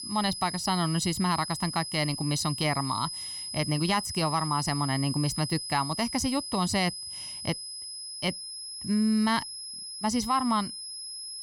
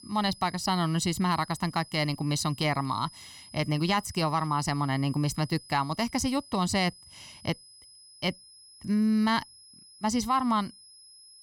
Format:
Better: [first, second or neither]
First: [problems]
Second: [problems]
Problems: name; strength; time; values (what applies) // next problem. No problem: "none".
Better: second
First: high-pitched whine; loud; throughout; 5 kHz, 6 dB below the speech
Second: high-pitched whine; faint; throughout; 5 kHz, 20 dB below the speech